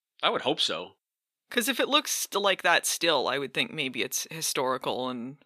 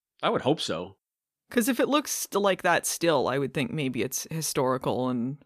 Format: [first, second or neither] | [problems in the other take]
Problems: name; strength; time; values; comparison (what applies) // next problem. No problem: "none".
second | thin; very slightly; fading below 500 Hz